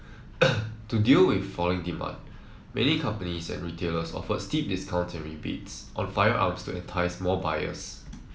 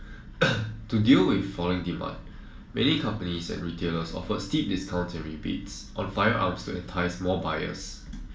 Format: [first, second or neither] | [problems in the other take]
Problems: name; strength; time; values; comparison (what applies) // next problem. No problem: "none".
first | room echo; dies away in 0.2 s